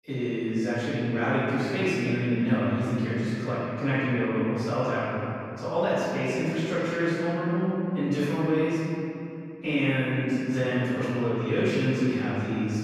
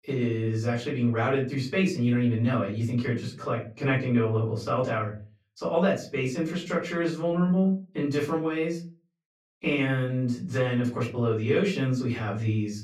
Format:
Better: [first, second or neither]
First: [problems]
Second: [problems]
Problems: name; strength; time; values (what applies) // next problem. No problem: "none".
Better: second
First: room echo; strong; dies away in 2.7 s // off-mic speech; far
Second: room echo; slight; dies away in 0.4 s // off-mic speech; far